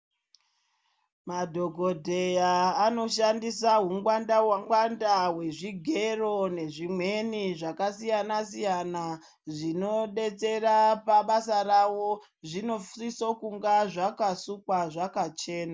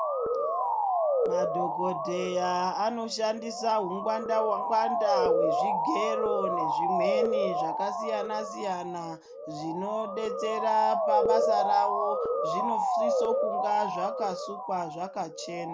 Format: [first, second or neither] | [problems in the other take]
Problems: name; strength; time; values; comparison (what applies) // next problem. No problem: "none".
first | background sound (Motor vehicle (road) / Siren); 2 dB above the speech